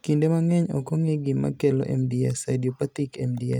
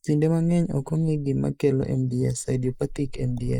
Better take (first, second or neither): first